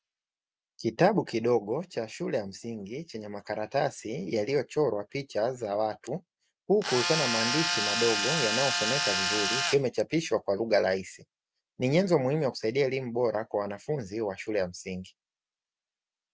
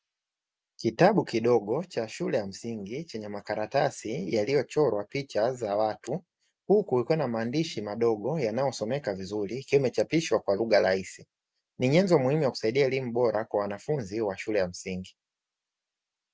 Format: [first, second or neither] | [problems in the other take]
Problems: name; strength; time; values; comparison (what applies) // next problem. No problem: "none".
second | background sound (Tools); 1 dB above the speech